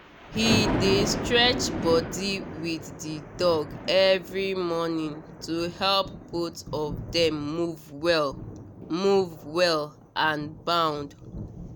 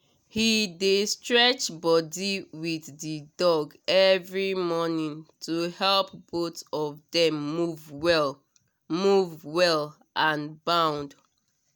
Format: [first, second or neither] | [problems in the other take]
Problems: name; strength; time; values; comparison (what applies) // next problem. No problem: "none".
second | background sound (Thunder); 8 dB below the speech